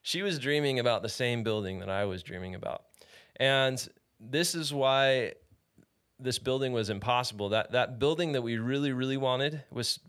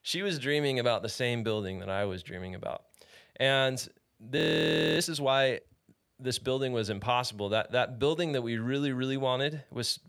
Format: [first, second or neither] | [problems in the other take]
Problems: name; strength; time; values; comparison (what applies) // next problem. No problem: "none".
first | audio freezing; at 4.5 s for 0.5 s